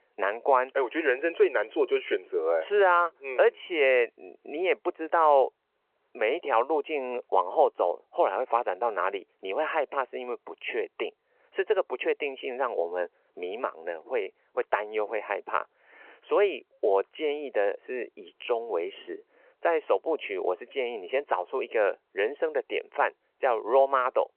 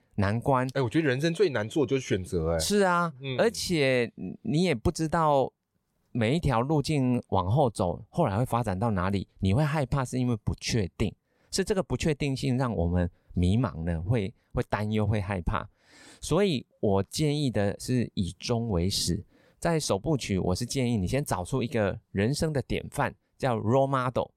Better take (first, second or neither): second